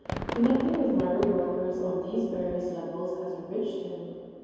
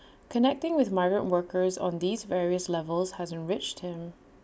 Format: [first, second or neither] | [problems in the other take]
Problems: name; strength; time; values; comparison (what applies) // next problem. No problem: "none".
second | background sound (Fireworks); 11 dB below the speech // room echo; dies away in 2.2 s